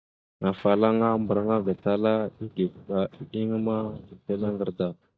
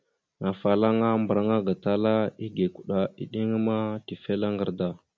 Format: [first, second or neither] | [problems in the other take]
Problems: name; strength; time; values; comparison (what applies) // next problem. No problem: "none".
second | noise reduction (neural mask model DeepFilterNet 3)